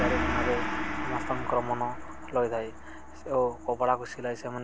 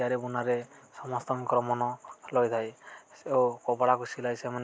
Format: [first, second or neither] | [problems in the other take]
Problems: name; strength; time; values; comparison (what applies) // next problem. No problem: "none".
second | background sound (Gong); 2 dB below the speech